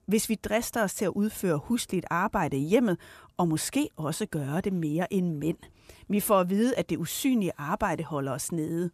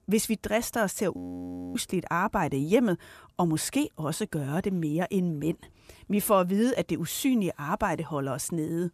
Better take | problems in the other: first | audio freezing; at 1 s for 0.5 s

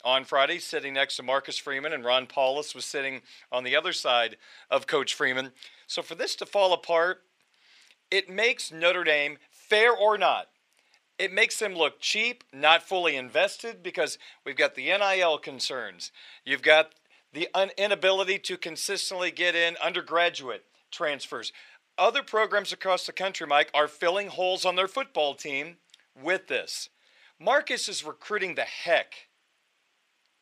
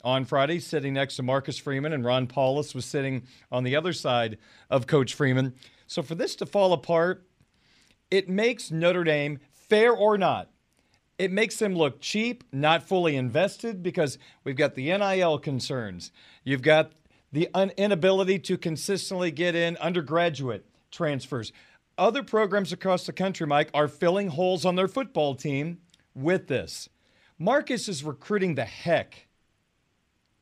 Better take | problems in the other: second | thin; very; fading below 600 Hz

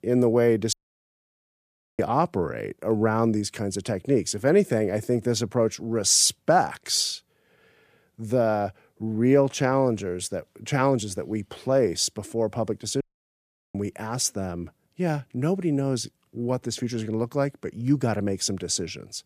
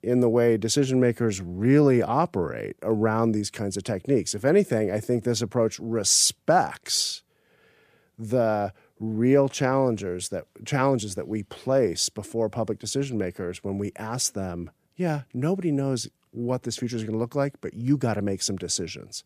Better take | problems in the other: second | audio cutting out; at 0.5 s for 1.5 s and at 13 s for 0.5 s

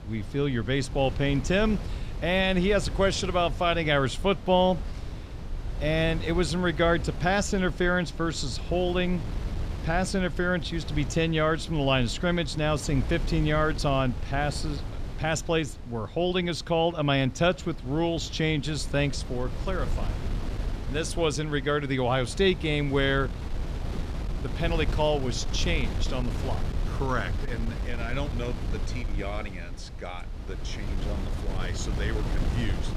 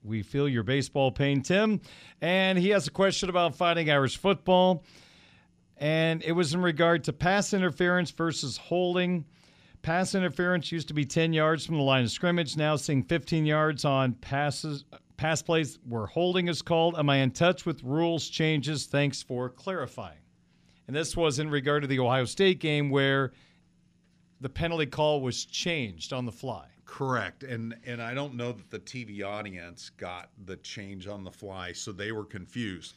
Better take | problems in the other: second | wind noise on the microphone; occasional gusts; 15 dB below the speech

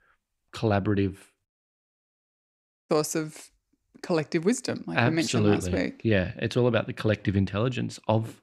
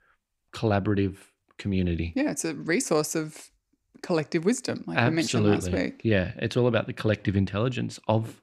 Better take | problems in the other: second | audio cutting out; at 1.5 s for 1.5 s

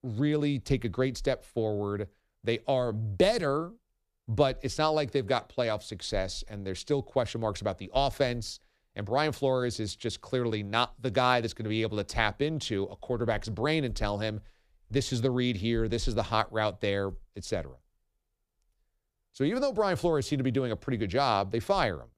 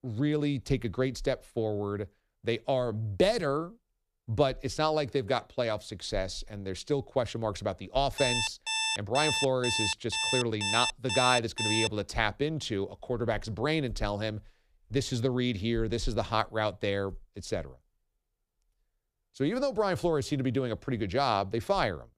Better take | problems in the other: first | alarm; loud; from 8 to 12 s; peak 2 dB above the speech

